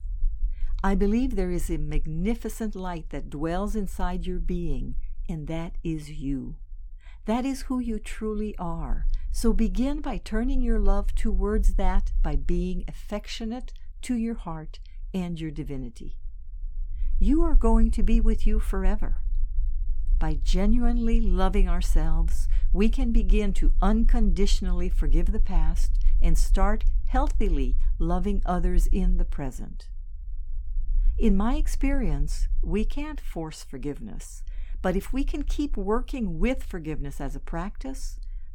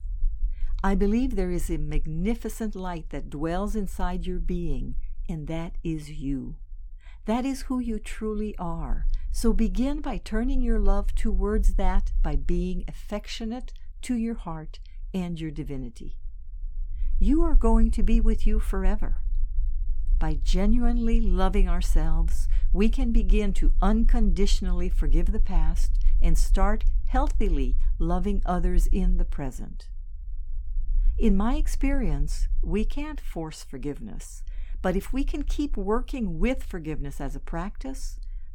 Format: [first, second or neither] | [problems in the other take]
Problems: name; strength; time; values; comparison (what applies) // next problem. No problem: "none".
neither | low rumble; faint; throughout; 25 dB below the speech; the same in both